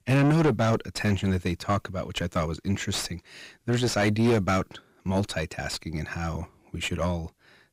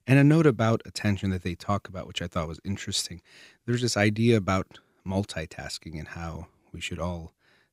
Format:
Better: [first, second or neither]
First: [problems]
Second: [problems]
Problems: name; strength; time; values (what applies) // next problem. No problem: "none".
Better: second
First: distortion; heavy; 4 dB below the speech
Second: none